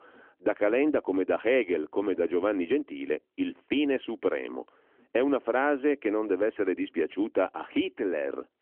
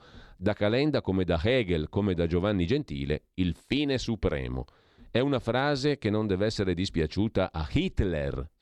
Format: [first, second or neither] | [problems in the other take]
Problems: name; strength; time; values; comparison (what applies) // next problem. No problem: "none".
second | phone-call audio; nothing above 3 kHz